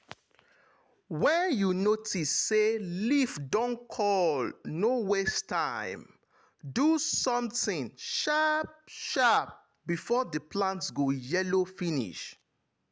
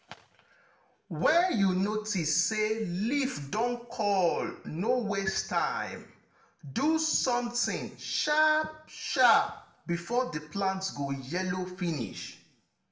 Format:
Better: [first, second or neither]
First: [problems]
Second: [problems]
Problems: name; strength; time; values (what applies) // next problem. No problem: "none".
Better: first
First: none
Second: room echo; dies away in 0.5 s